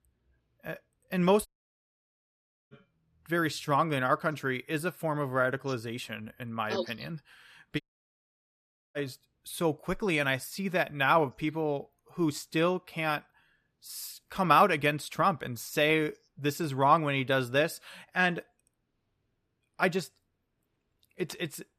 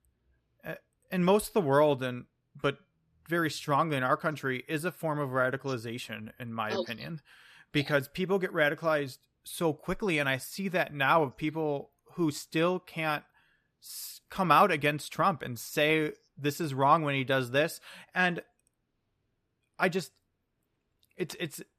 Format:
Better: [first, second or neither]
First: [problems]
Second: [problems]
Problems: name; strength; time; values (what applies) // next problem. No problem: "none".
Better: second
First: audio cutting out; at 1.5 s for 1.5 s and at 8 s for 1 s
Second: none